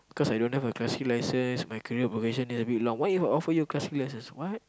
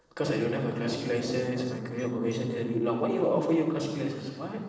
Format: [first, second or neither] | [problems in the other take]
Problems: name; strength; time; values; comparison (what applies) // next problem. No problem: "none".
first | noise reduction (neural separator model SepFormer DNS4)